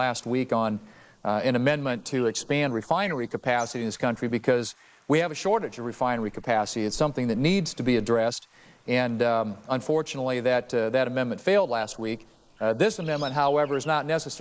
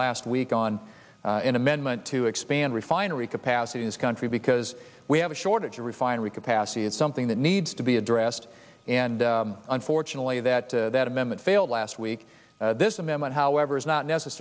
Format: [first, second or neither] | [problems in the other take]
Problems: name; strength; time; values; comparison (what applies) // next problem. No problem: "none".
second | noise reduction (neural mask model Resemble Enhance denoiser)